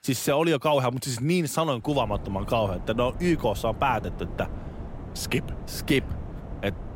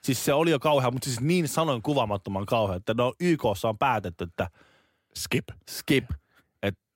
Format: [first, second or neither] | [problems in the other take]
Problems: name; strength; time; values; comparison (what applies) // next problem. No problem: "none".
second | wind noise on the microphone; occasional gusts; from 2 s on; 20 dB below the speech